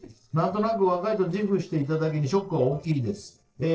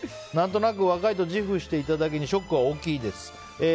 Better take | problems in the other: second | noise reduction (neural separator model SepFormer DNS4)

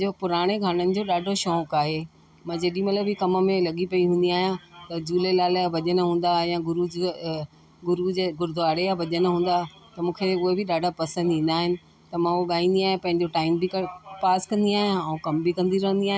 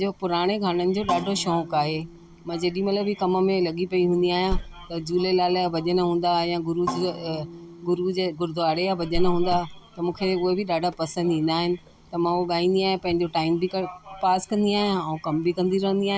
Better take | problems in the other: first | background sound (Cricket + Percussion); 11 dB below the speech

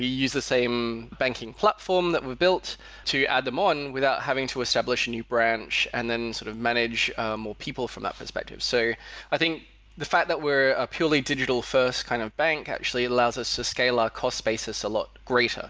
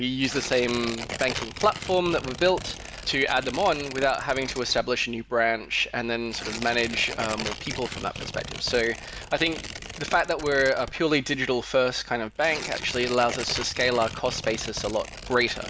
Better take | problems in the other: first | background sound (Tearing); 11 dB below the speech

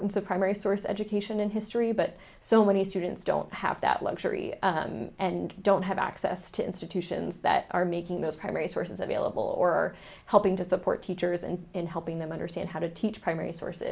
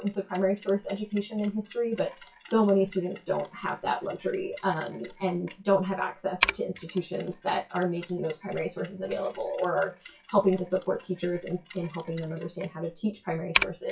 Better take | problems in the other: first | noise reduction (classical method WPE with log-MMSE)

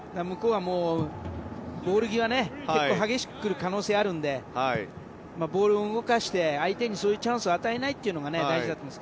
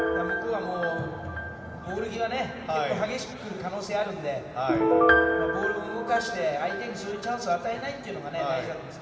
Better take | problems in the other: first | background sound (Piano); 1 dB above the speech // room echo; dies away in 2.3 s

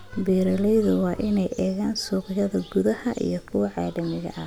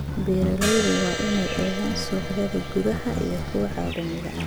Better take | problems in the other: first | background sound (Insect + Crash cymbal); 3 dB below the speech

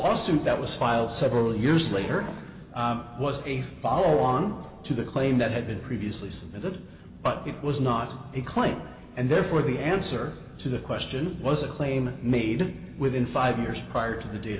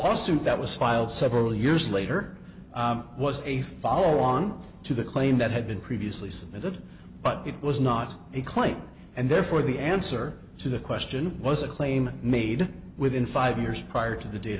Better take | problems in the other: second | background sound (Wood); 15 dB below the speech // room echo; dies away in 1.7 s

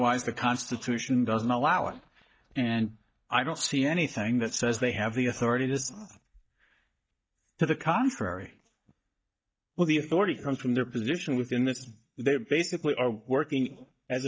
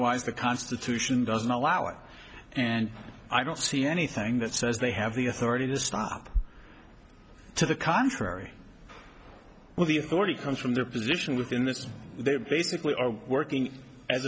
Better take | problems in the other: second | noise reduction (neural mask model DeepFilterNet 3)

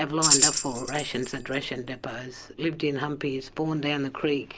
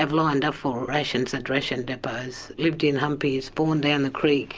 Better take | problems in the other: second | background sound (Tambourine); 2 dB above the speech

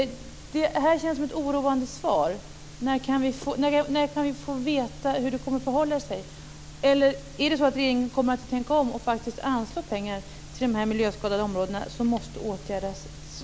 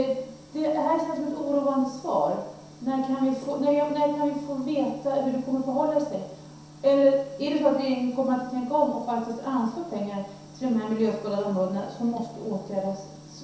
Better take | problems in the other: first | room echo; dies away in 0.7 s

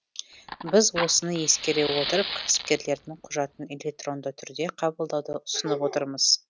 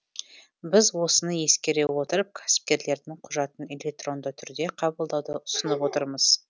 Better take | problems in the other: second | background sound (Fire); 9 dB below the speech

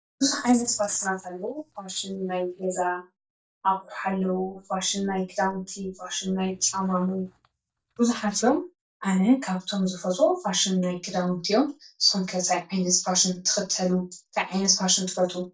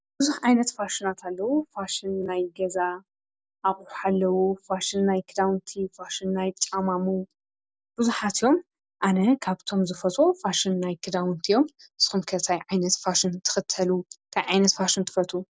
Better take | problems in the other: second | noise reduction (neural mask model DeepFilterNet 3)

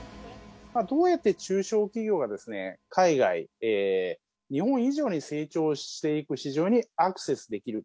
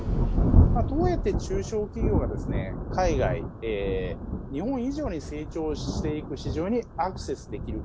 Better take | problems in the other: first | background sound (Thunder); 4 dB above the speech

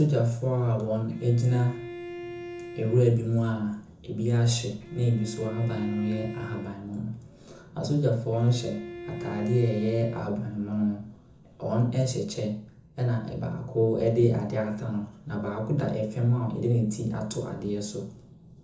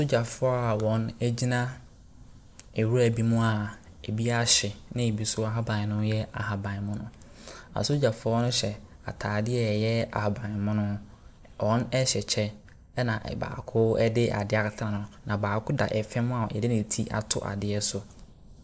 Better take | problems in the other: second | background sound (Bowed string instrument); 13 dB below the speech // room echo; dies away in 0.5 s

